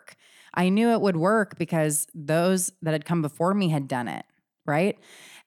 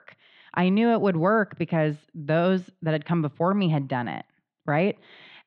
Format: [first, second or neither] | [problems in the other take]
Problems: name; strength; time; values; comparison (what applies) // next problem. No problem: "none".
first | muffled; very; fading above 3.5 kHz